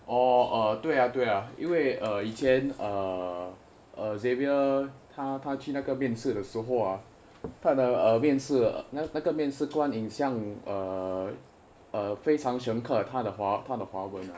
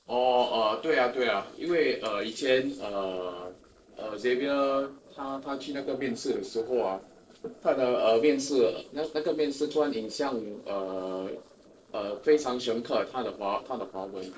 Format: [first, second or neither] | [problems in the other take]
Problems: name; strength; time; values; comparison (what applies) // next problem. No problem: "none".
first | noise reduction (neural separator model SepFormer DNS4)